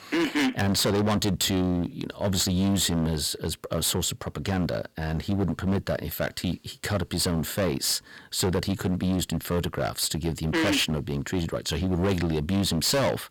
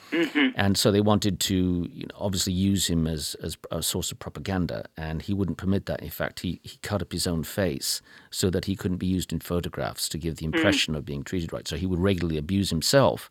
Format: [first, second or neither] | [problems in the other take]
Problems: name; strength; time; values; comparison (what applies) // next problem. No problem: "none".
second | distortion; heavy; 16% of the sound clipped